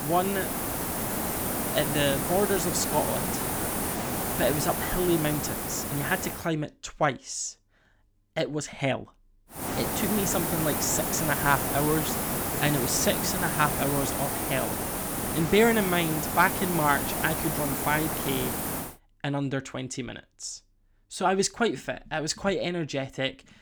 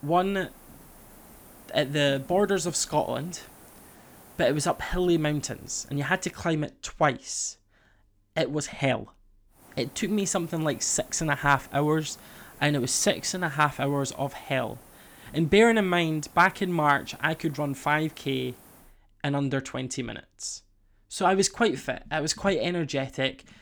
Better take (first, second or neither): second